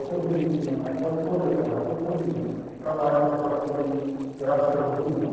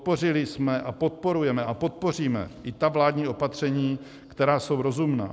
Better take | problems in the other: second | noise reduction (neural separator model SepFormer DNS4)

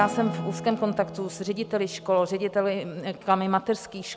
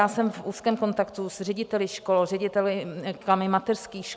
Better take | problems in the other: second | background sound (Acoustic guitar / Strum); 13 dB below the speech

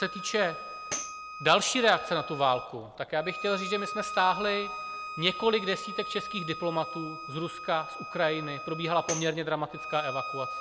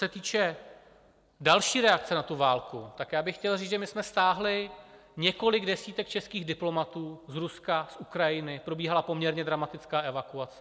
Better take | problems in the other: second | background sound (Bowed string instrument + Tambourine); 8 dB below the speech

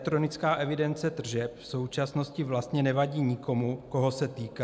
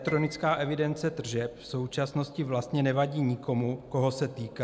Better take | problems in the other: first | background sound (Piano); 19 dB below the speech

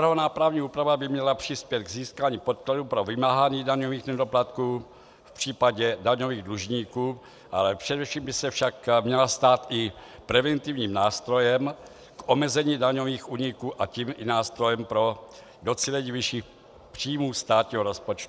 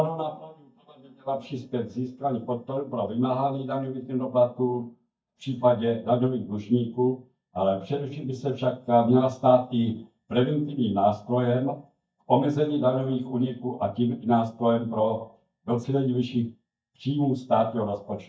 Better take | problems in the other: first | noise reduction (neural mask model DeepFilterNet 3)

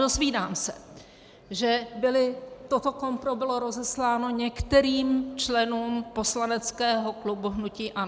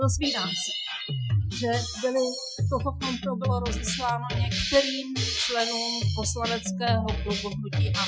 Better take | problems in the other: first | noise reduction (classical method Wiener filter)

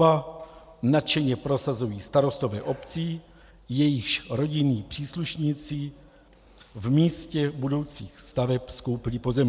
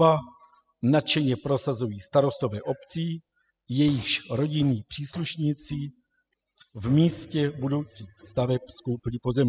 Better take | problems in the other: first | noise reduction (classical method spectral subtraction)

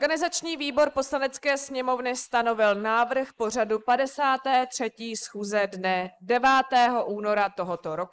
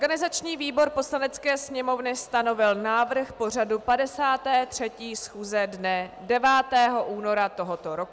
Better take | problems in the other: second | noise reduction (neural mask model Resemble Enhance denoiser)

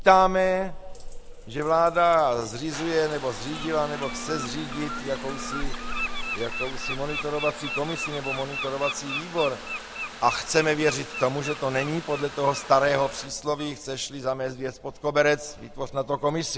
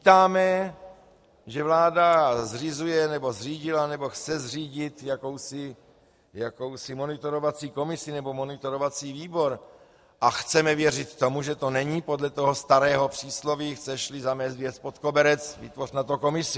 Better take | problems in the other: second | background sound (Trickle, dribble / Bathtub (filling or washing) / Water tap, faucet + Bird); 8 dB below the speech

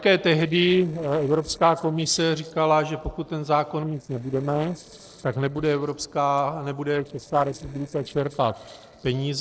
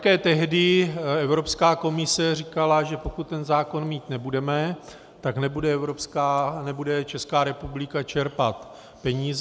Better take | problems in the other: second | noise reduction (neural separator model SepFormer DNS4)

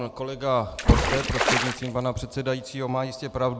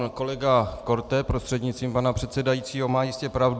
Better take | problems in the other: second | background sound (Water / Splash, splatter); 3 dB above the speech

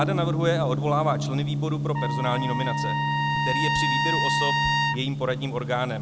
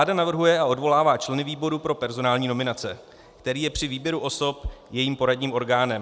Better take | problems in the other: second | background sound (Trumpet + Gong); 3 dB above the speech

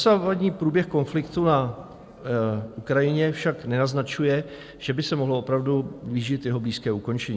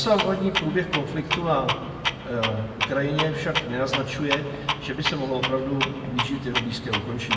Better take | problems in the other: first | background sound (Clock); 3 dB below the speech // room echo; dies away in 1.4 s

